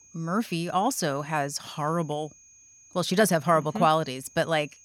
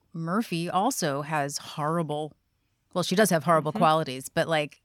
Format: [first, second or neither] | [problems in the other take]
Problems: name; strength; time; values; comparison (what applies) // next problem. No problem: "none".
second | high-pitched whine; faint; throughout; 6.5 kHz, 25 dB below the speech